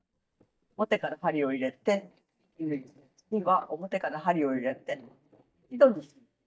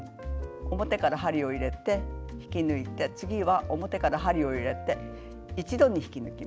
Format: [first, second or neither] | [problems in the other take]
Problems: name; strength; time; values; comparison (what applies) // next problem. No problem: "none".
second | noise reduction (neural mask model DeepFilterNet 3)